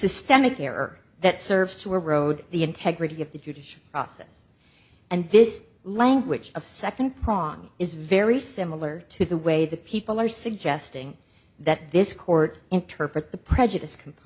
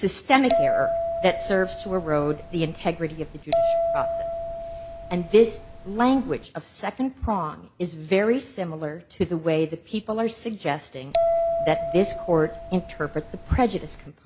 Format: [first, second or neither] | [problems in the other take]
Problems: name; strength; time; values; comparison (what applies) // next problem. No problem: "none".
first | background sound (Bell); 2 dB below the speech